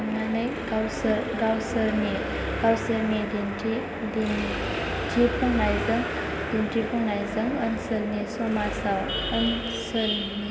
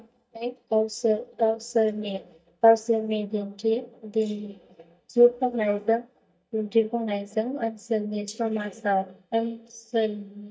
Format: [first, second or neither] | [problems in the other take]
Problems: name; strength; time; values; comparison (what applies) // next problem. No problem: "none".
first | noise reduction (neural mask model DeepFilterNet 3)